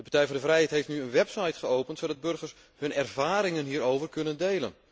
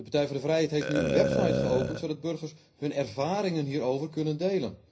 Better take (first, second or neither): first